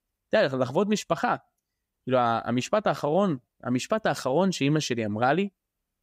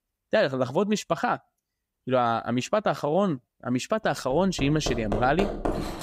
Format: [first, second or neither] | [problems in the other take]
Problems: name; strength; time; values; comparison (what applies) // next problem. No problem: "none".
first | machinery noise; loud; from 4.5 s on; 6 dB below the speech